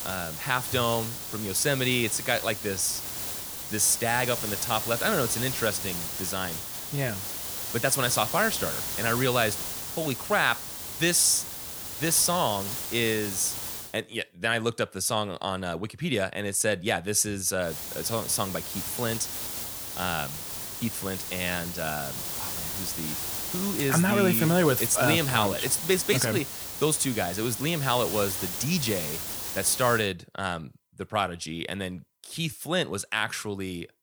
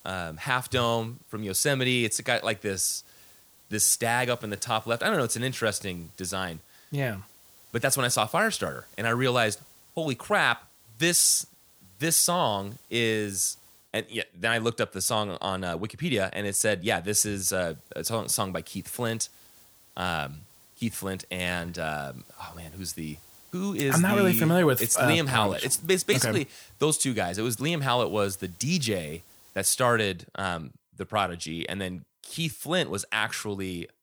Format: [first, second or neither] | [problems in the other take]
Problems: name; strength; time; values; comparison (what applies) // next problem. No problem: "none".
second | hiss; loud; until 14 s and from 18 to 30 s; 5 dB below the speech; faint in the second